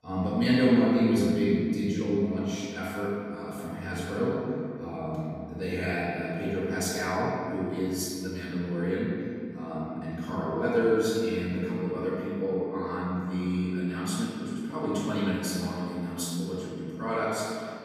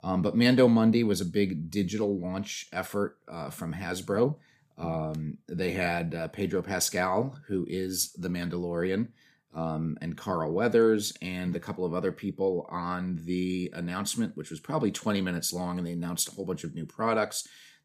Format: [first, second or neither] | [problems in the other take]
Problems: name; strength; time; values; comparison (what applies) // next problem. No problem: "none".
second | off-mic speech; far // room echo; strong; dies away in 2.2 s